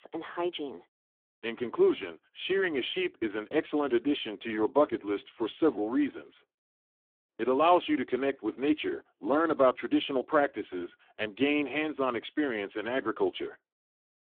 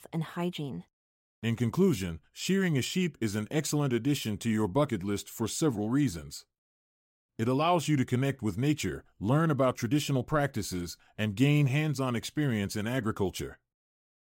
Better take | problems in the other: second | phone-call audio; poor line

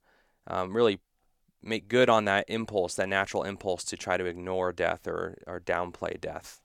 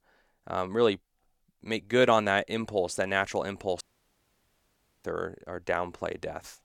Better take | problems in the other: first | audio cutting out; at 4 s for 1 s

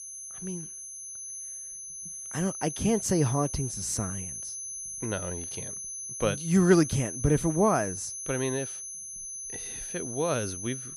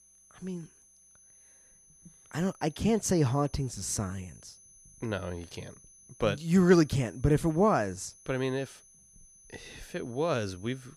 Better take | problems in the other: second | high-pitched whine; loud; throughout; 6 kHz, 7 dB below the speech; faint in the second

